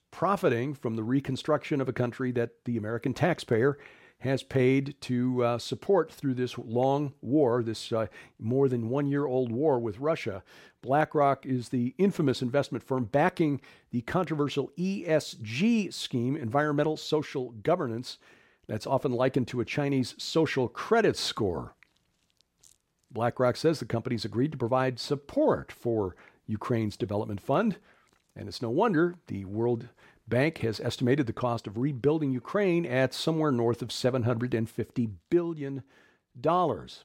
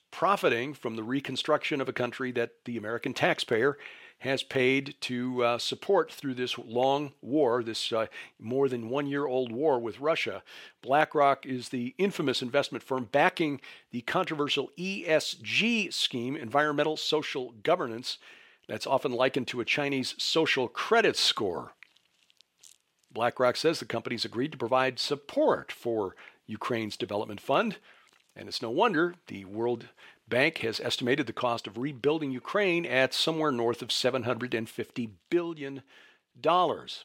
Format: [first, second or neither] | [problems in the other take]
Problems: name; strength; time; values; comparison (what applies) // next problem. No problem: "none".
first | thin; very slightly; fading below 1 kHz